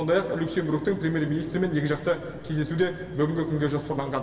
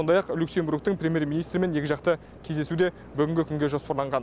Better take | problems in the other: second | room echo; dies away in 2.3 s

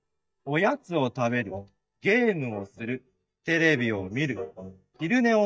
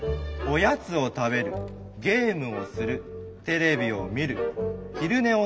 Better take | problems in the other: second | noise reduction (neural mask model DeepFilterNet 3)

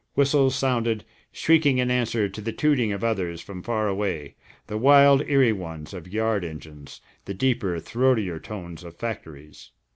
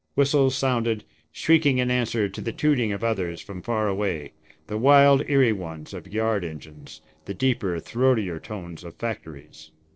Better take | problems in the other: first | noise reduction (neural separator model SepFormer DNS4)

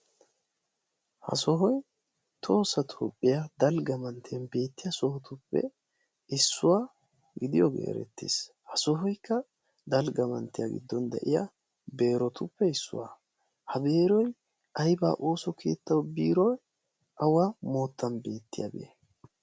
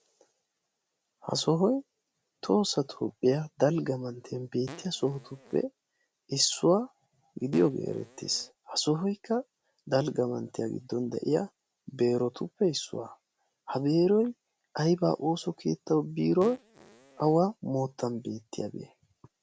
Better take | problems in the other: first | background sound (Fart); 19 dB below the speech

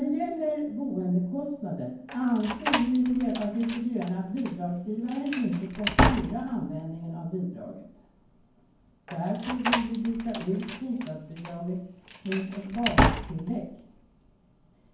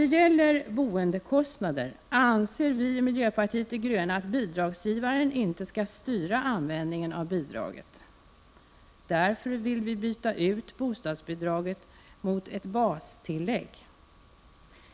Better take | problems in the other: second | background sound (Slam); 2 dB below the speech // room echo; dies away in 0.9 s

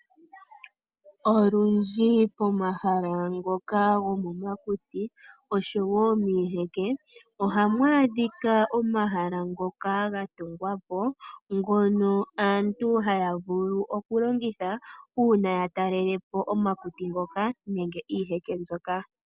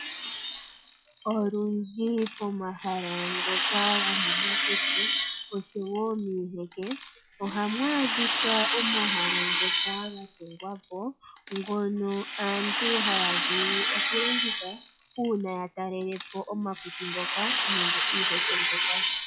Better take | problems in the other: first | noise reduction (classical method log-MMSE)

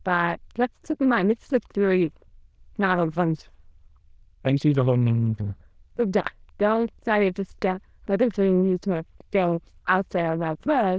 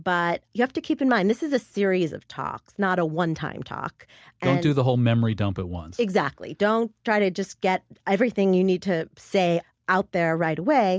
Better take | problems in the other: second | noise reduction (neural diffusion model UNIVERSE++)

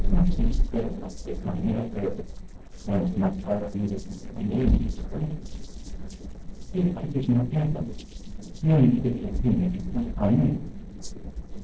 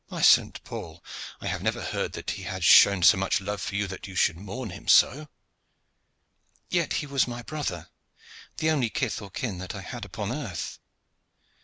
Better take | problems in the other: second | noise reduction (neural separator model SepFormer DNS4)

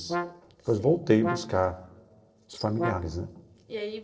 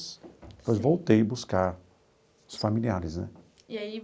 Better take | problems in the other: second | noise reduction (neural separator model SepFormer DNS4)

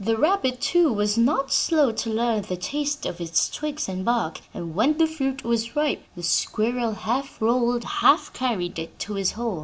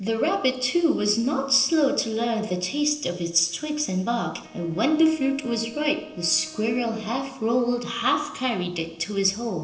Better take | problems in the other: first | noise reduction (neural separator model SepFormer DNS4)

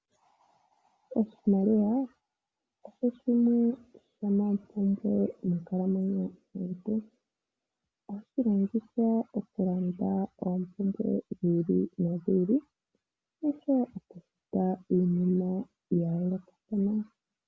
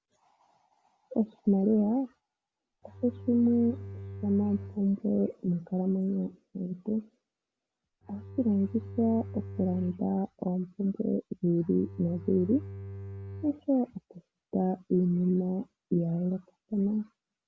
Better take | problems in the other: first | background sound (Bowed string instrument); 13 dB below the speech

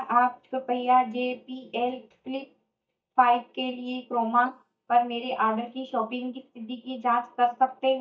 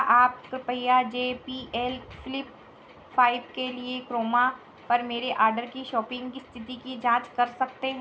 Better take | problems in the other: second | noise reduction (neural mask model DeepFilterNet 3)

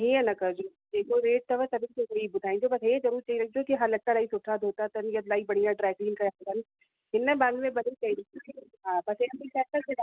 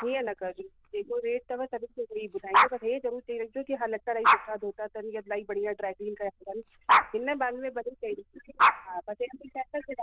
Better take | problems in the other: first | noise reduction (neural diffusion model UNIVERSE++)

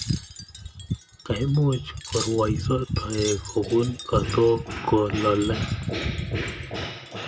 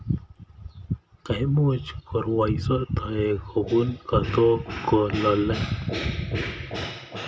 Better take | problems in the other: second | background sound (Wind chime); 16 dB below the speech

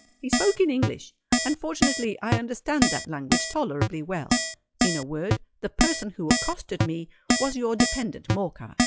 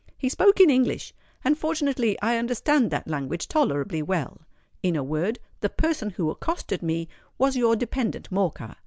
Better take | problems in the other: second | noise reduction (classical method log-MMSE)

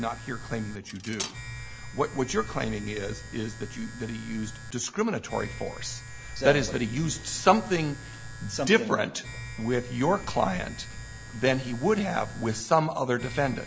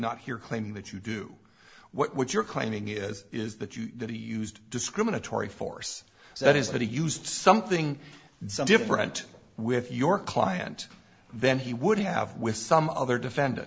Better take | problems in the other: second | background sound (Domestic sounds, home sounds + Cutlery, silverware); 12 dB below the speech

